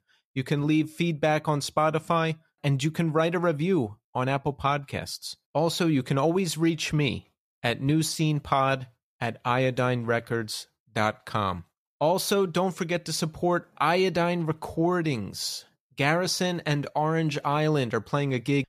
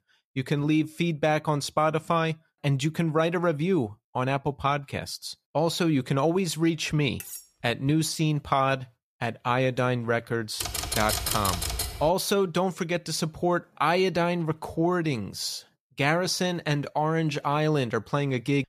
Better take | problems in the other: first | clattering dishes; faint; at 7 s; peak 10 dB below the speech // keyboard typing; noticeable; from 11 to 12 s; peak level with the speech

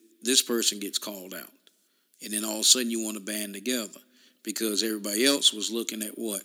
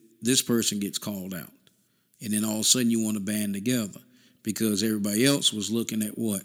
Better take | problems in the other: second | thin; very slightly; fading below 300 Hz

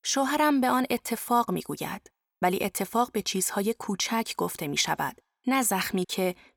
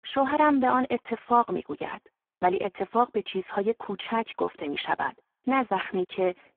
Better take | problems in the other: first | phone-call audio; poor line

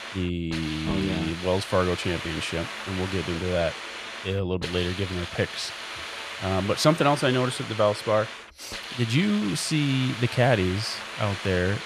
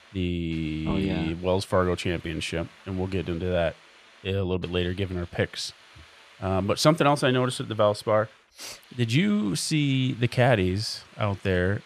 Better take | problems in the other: second | hiss; loud; throughout; 8 dB below the speech; faint in the second

